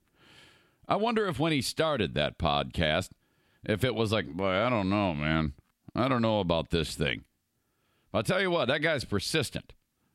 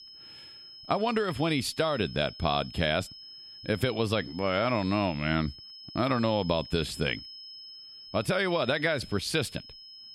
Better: first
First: none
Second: high-pitched whine; noticeable; throughout; 5 kHz, 15 dB below the speech

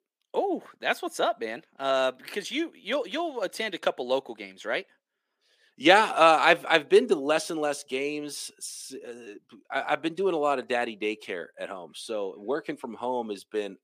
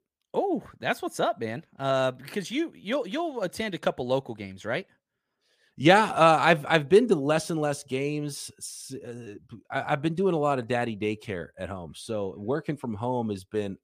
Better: second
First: thin; somewhat; fading below 300 Hz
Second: none

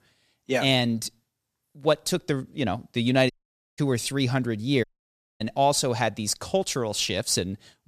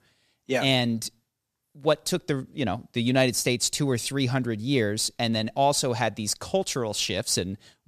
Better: second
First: audio cutting out; at 3.5 s and at 5 s for 0.5 s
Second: none

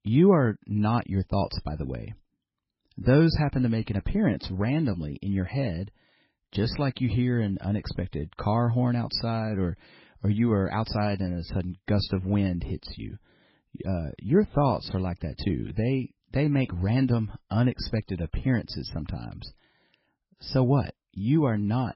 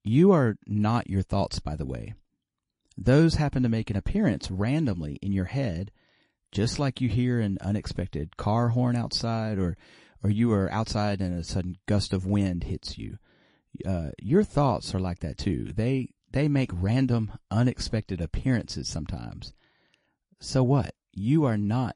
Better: second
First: garbled, watery; badly; nothing above 5.5 kHz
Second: garbled, watery; slightly; nothing above 10.5 kHz

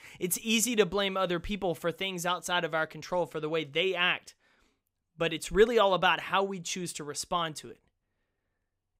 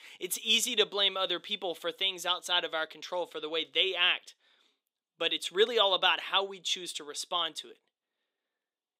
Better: first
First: none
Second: thin; somewhat; fading below 300 Hz

